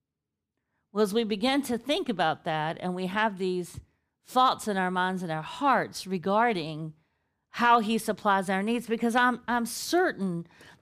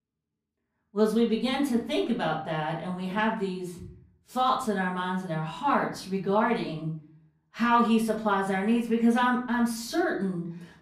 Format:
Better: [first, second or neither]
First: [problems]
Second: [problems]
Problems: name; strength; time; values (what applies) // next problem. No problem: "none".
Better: first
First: none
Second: room echo; slight; dies away in 0.5 s // off-mic speech; far